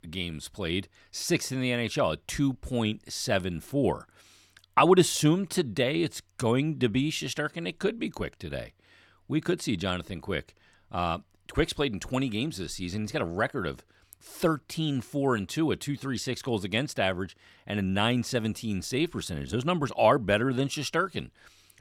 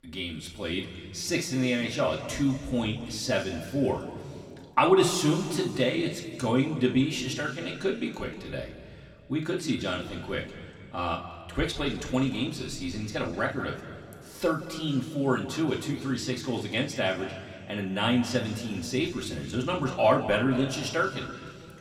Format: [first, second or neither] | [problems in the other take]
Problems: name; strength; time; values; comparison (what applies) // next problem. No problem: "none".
first | room echo; slight; dies away in 2.1 s // off-mic speech; somewhat distant